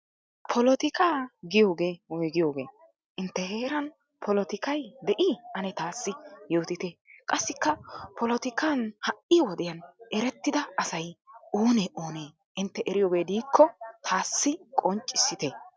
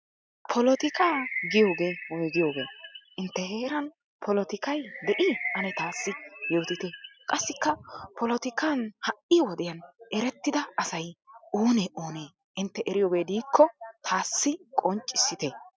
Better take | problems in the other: first | noise reduction (classical method spectral subtraction)

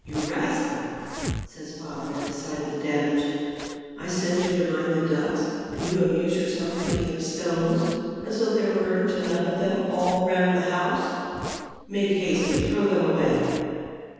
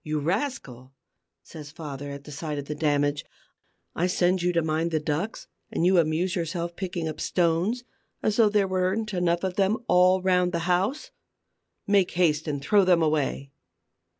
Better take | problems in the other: second | background sound (Zipper (clothing)); 13 dB below the speech // room echo; dies away in 2.1 s

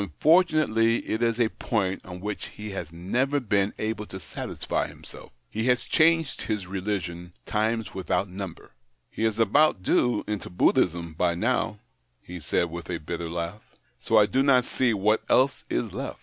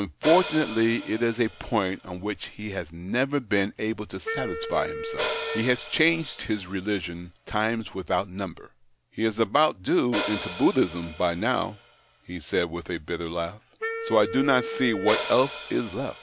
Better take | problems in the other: first | background sound (Wind instrument, woodwind instrument + Hi-hat); 10 dB below the speech

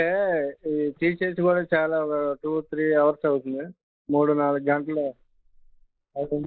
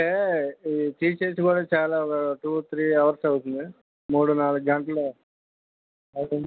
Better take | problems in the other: second | noise reduction (neural mask model Resemble Enhance denoiser)

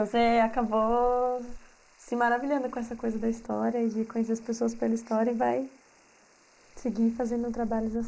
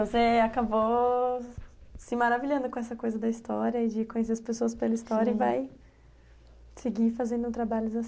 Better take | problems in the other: second | noise reduction (neural mask model Resemble Enhance denoiser)

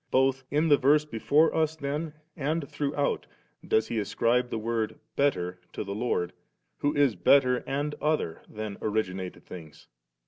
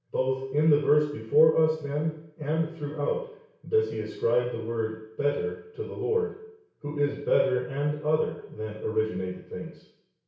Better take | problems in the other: first | room echo; dies away in 0.6 s

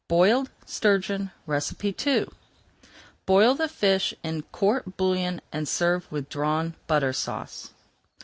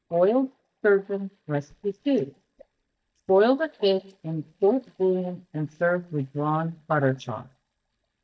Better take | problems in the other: first | noise reduction (neural mask model DeepFilterNet 3)

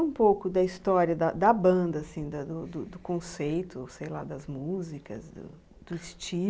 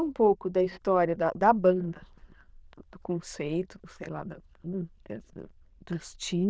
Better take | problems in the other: first | noise reduction (neural diffusion model UNIVERSE++)

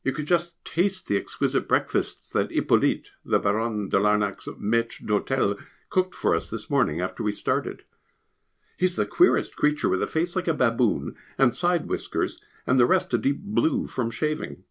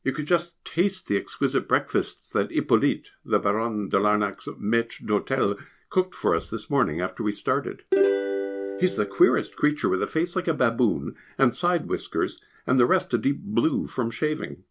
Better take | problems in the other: first | background sound (Plucked string instrument); 1 dB below the speech

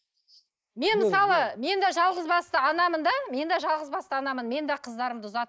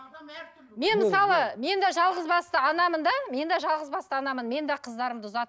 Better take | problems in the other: second | noise reduction (neural mask model Resemble Enhance denoiser)

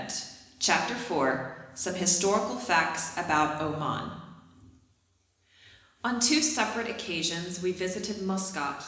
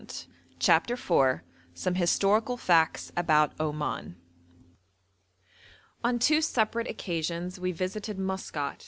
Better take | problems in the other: second | room echo; dies away in 1 s

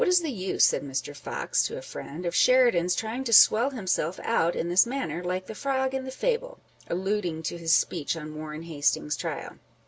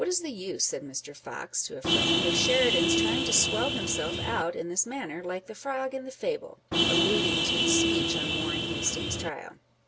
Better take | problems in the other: first | background sound (Vehicle horn, car horn, honking); 5 dB above the speech

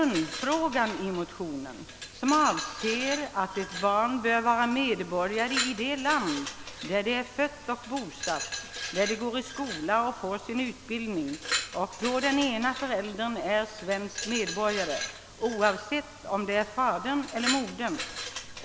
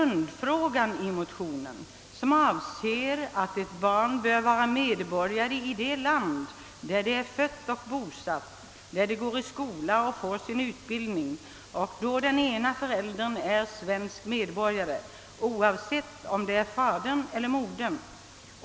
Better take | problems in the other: second | background sound (Glass); 9 dB below the speech

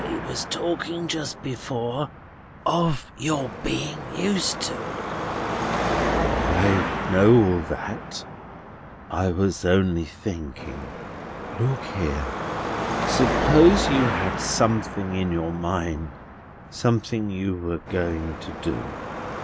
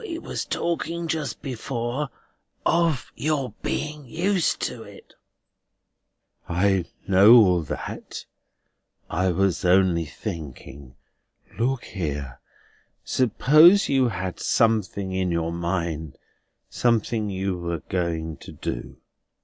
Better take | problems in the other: second | background sound (Car passing by / Traffic noise, roadway noise / Engine); 4 dB below the speech

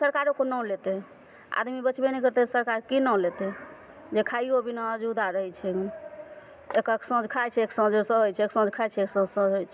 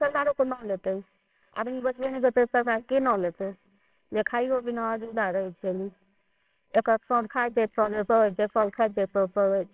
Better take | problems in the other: first | noise reduction (neural separator model SepFormer WHAMR!)

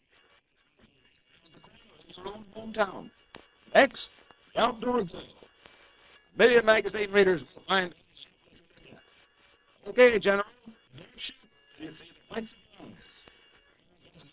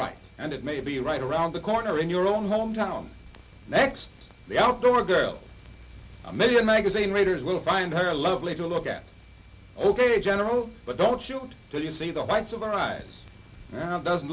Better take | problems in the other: second | noise reduction (neural separator model SepFormer WHAM!)

